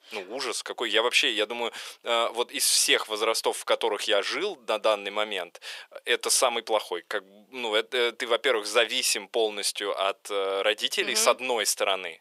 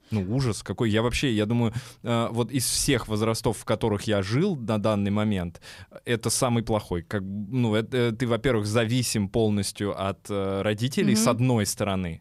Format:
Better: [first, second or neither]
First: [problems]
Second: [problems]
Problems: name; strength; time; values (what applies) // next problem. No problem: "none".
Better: second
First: thin; very; fading below 450 Hz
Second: none